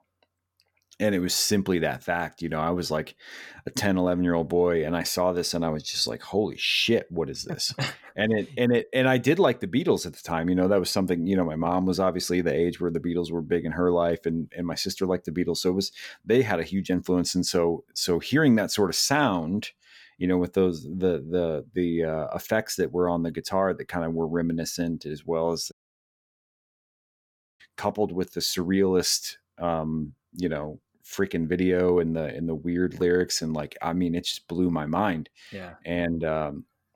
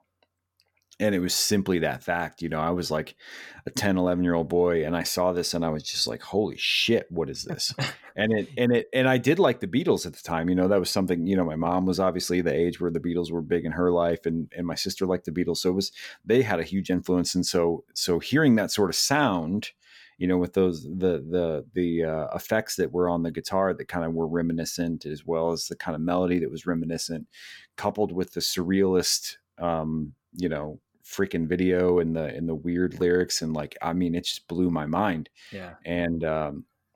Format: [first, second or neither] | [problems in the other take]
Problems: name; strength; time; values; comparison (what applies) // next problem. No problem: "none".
second | audio cutting out; at 26 s for 2 s